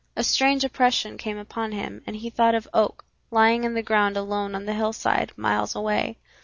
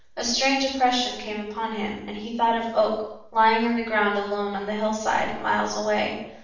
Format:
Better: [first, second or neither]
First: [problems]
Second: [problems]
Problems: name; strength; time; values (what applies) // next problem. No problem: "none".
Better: first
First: none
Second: room echo; dies away in 0.7 s